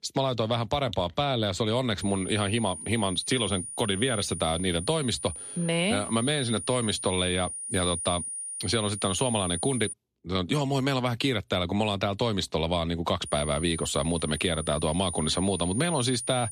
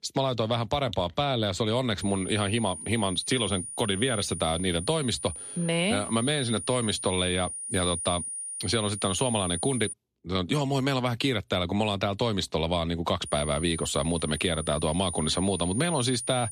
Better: neither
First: high-pitched whine; loud; from 2 to 10 s and from 13 s on; 9.5 kHz, 7 dB below the speech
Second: high-pitched whine; loud; from 2 to 10 s and from 13 s on; 9.5 kHz, 7 dB below the speech

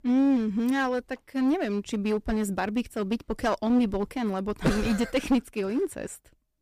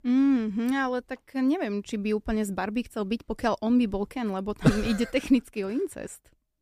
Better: second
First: distortion; slight; 9% of the sound clipped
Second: none

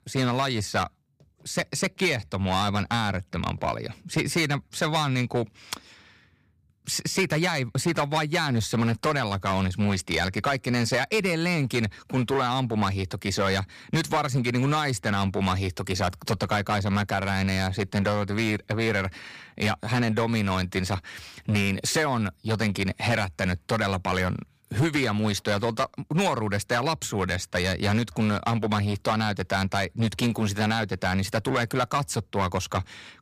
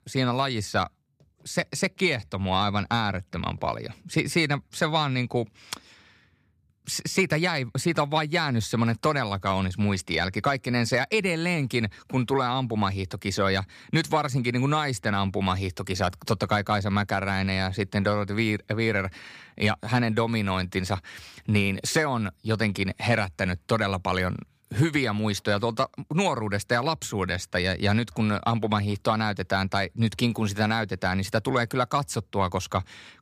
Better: second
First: distortion; slight; 7% of the sound clipped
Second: none

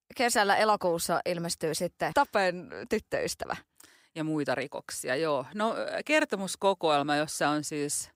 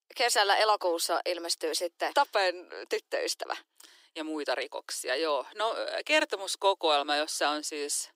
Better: first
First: none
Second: thin; somewhat; fading below 300 Hz

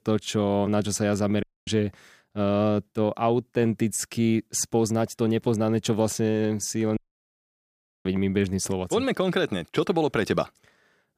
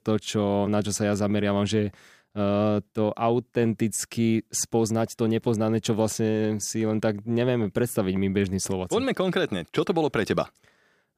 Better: second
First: audio cutting out; at 1.5 s and at 7 s for 1 s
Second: none

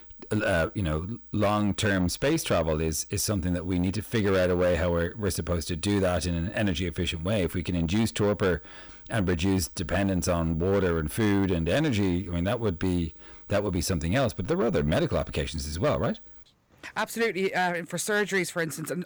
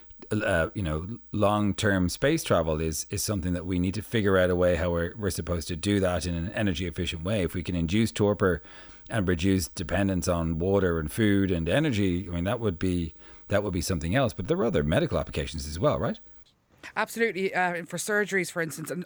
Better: second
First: distortion; slight; 8% of the sound clipped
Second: none

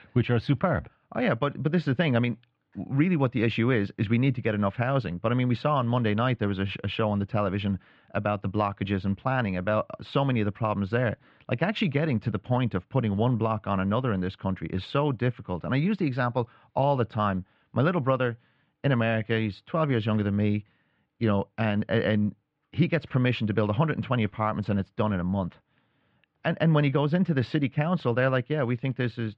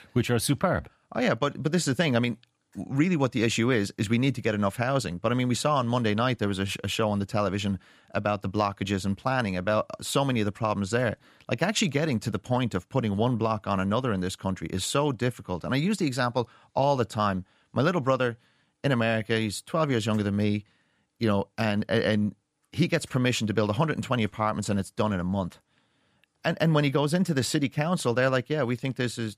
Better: second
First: muffled; very; fading above 3 kHz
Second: none

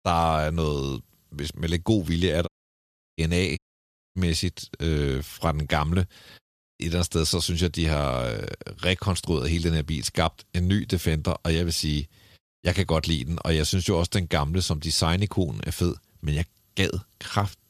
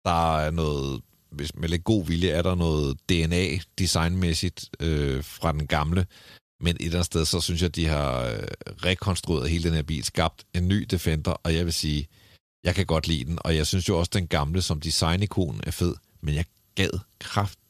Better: second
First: audio cutting out; at 2.5 s for 0.5 s, at 3.5 s for 0.5 s and at 6.5 s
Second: none

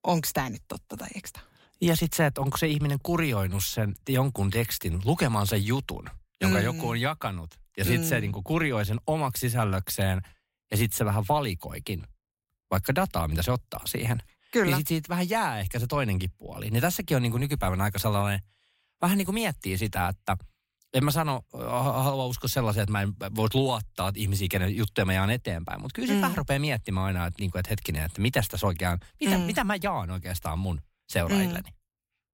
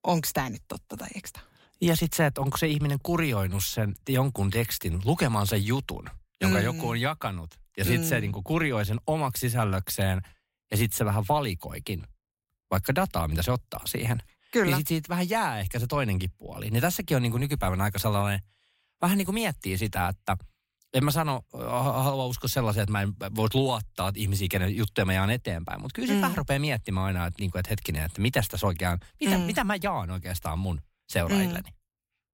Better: neither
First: none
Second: none

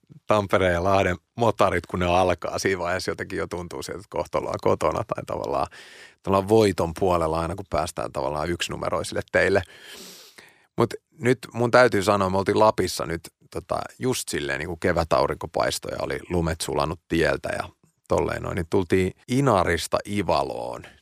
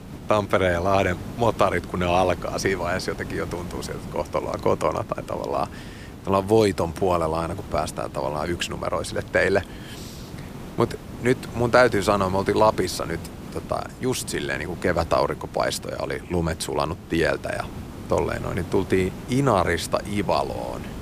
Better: first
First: none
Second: hiss; noticeable; throughout; 15 dB below the speech

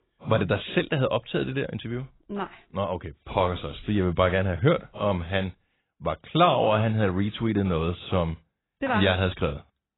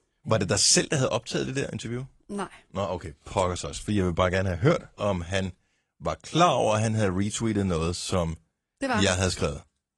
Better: second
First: garbled, watery; badly; nothing above 4 kHz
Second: garbled, watery; slightly

